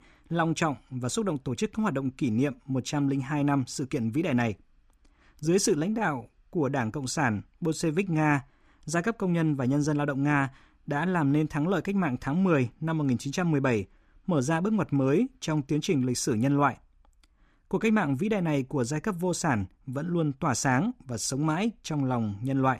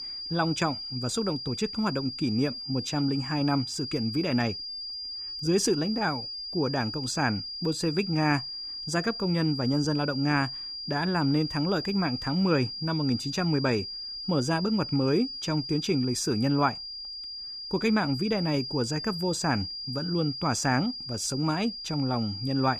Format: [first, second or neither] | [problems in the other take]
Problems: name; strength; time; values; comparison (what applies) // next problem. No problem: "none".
first | high-pitched whine; loud; throughout; 5 kHz, 6 dB below the speech